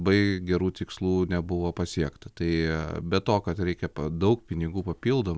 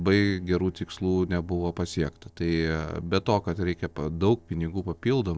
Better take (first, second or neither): first